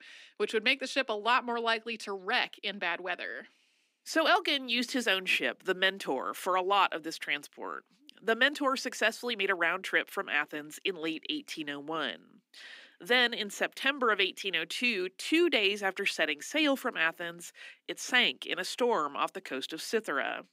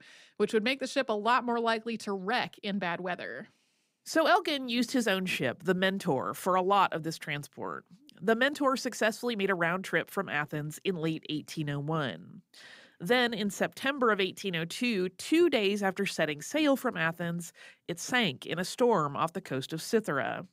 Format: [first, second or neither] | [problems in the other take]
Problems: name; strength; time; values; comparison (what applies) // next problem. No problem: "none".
second | thin; very slightly; fading below 250 Hz